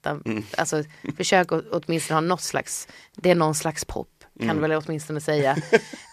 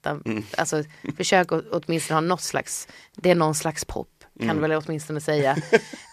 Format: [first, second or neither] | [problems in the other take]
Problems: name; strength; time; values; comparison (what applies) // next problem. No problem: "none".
neither | none